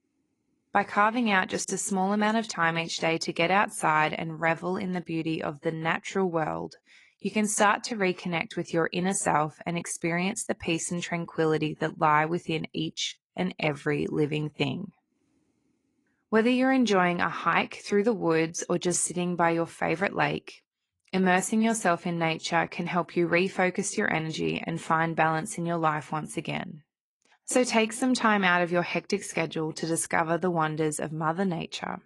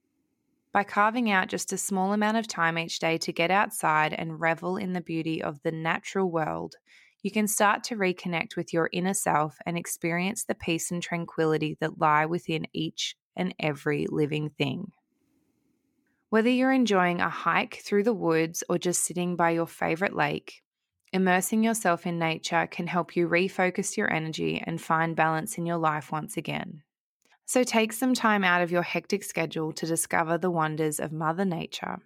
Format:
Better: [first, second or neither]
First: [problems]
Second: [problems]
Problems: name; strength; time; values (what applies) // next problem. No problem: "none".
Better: second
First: garbled, watery; slightly; nothing above 10.5 kHz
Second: none